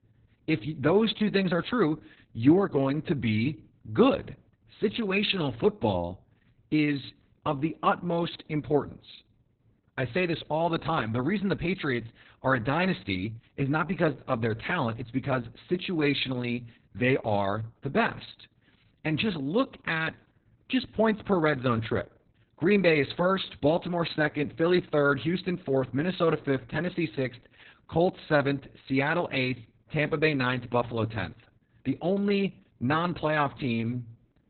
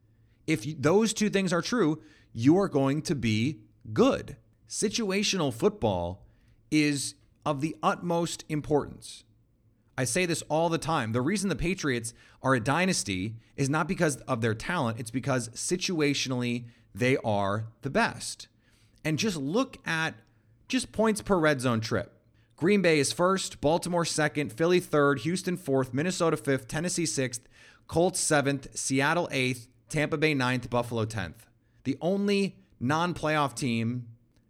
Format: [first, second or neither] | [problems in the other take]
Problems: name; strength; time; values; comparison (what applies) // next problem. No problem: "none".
second | garbled, watery; badly; nothing above 4 kHz